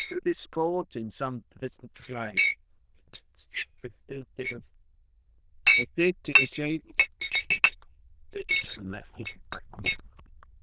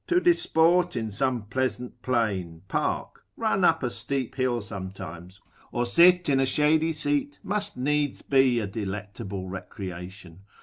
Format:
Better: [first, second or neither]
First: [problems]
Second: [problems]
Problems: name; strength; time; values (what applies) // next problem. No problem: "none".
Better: second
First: noise reduction (neural diffusion model UNIVERSE++)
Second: none